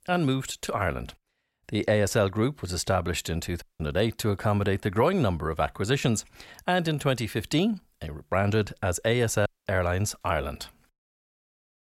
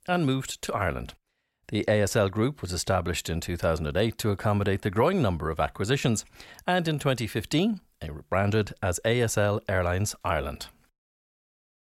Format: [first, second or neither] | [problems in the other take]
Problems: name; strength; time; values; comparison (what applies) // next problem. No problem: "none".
second | audio cutting out; at 3.5 s and at 9.5 s